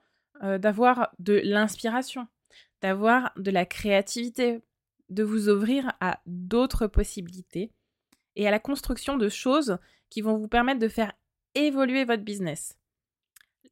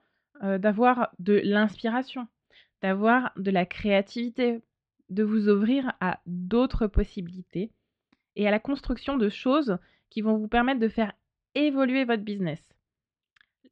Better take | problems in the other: first | muffled; slightly; fading above 4 kHz

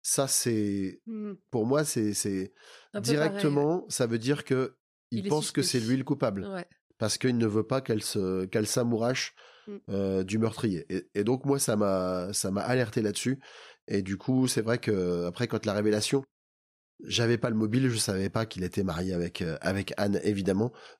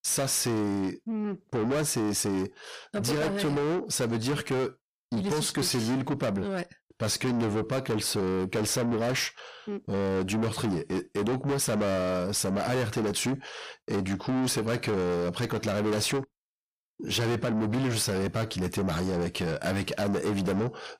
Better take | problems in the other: first | distortion; heavy; 6 dB below the speech

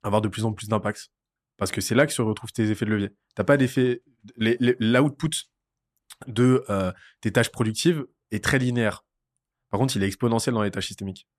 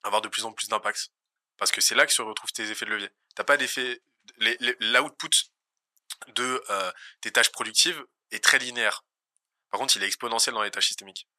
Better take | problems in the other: first | thin; very; fading below 900 Hz

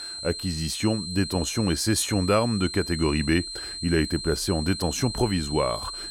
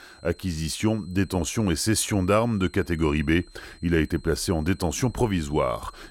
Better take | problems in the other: second | high-pitched whine; loud; throughout; 4 kHz, 7 dB below the speech; faint in the second

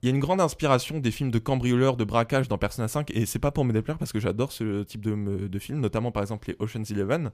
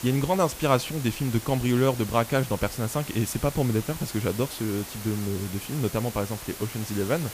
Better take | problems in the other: first | hiss; noticeable; throughout; 10 dB below the speech

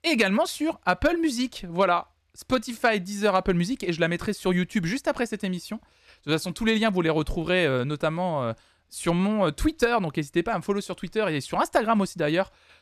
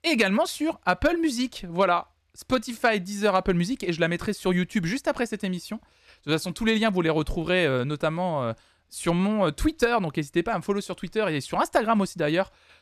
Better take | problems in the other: neither | none

